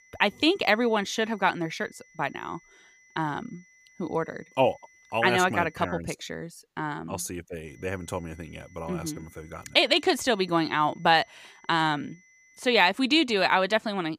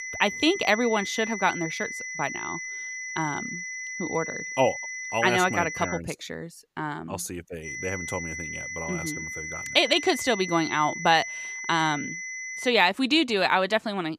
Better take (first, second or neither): first